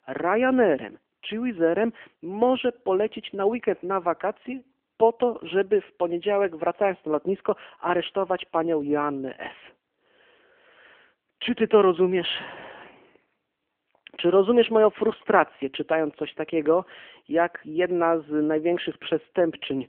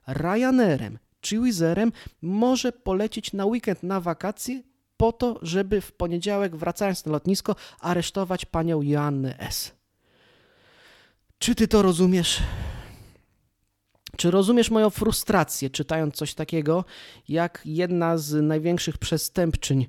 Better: second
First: phone-call audio; nothing above 3.5 kHz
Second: none

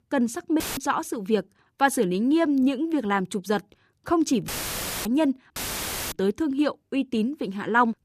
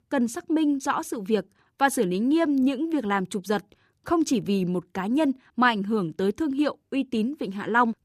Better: second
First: audio cutting out; filled with static; at 0.5 s, at 4.5 s for 0.5 s and at 5.5 s for 0.5 s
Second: none

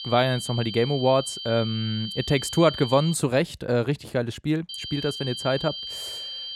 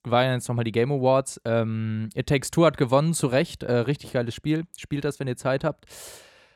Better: second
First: high-pitched whine; loud; until 3 s and from 4.5 s on; 3 kHz, 8 dB below the speech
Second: none

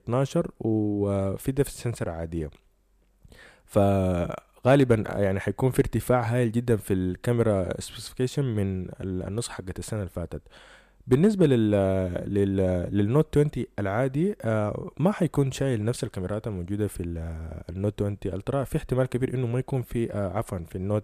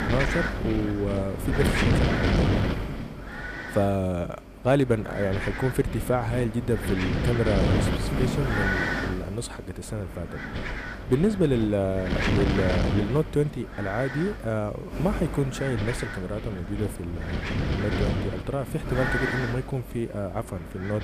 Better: first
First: none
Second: wind noise on the microphone; heavy; as loud as the speech

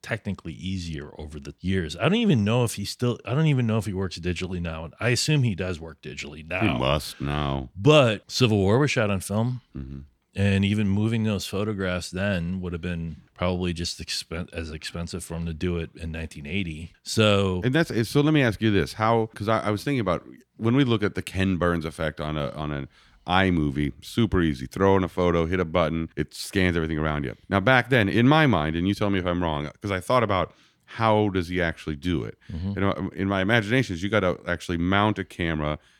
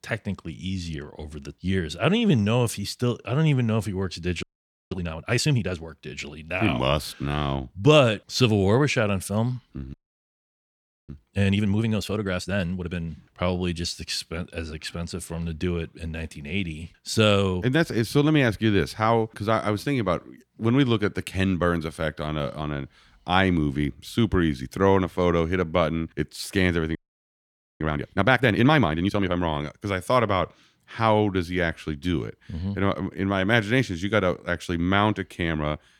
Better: first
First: none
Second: audio freezing; at 4.5 s, at 10 s for 1 s and at 27 s for 1 s

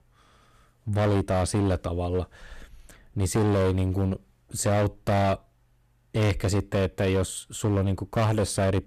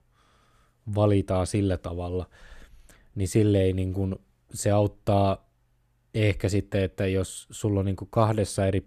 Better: second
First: distortion; heavy; 13% of the sound clipped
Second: none

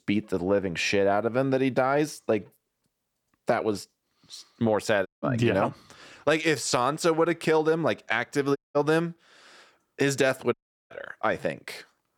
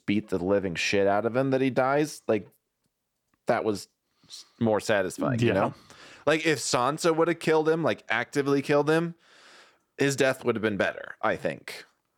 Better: second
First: audio cutting out; at 5 s, at 8.5 s and at 11 s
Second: none

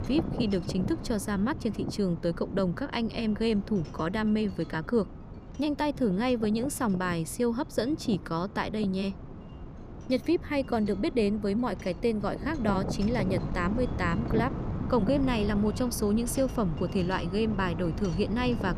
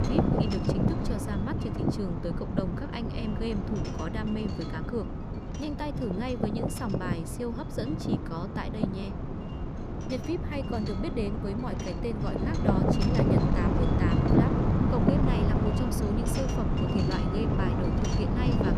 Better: first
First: wind noise on the microphone; occasional gusts; 10 dB below the speech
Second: wind noise on the microphone; heavy; 3 dB above the speech

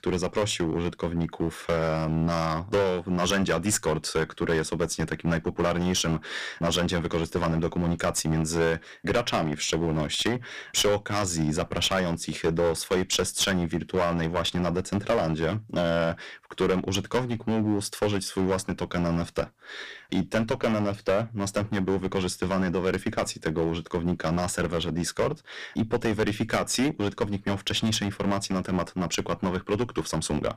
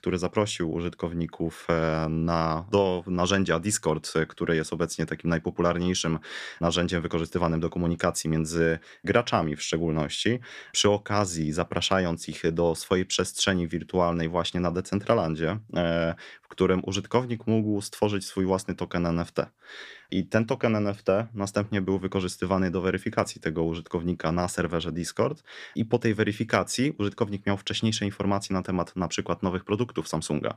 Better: second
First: distortion; heavy; 8% of the sound clipped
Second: none

